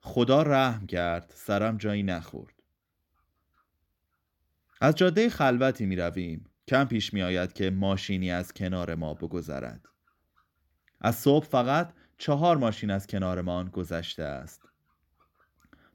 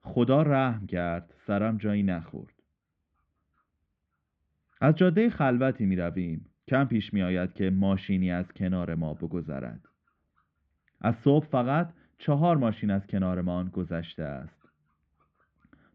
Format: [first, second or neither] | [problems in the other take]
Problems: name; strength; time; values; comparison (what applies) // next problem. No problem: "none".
first | muffled; very; fading above 3 kHz